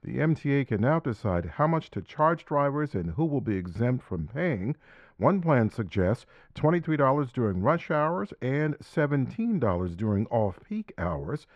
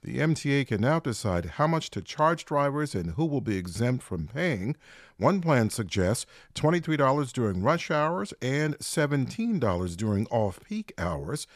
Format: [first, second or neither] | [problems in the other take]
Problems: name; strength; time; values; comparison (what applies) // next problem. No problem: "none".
second | muffled; very; fading above 4 kHz